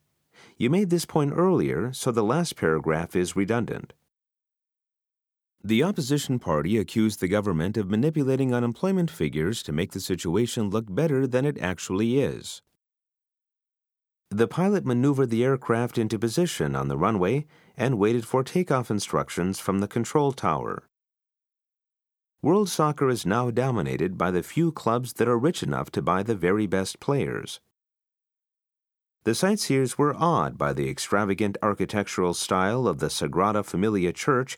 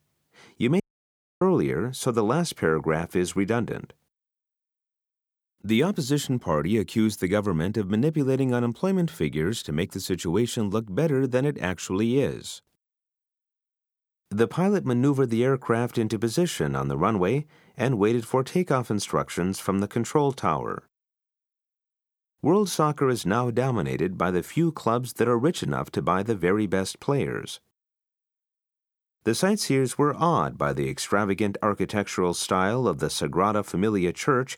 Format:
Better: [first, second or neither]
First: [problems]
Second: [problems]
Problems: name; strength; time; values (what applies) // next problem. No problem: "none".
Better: first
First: none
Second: audio cutting out; at 1 s for 0.5 s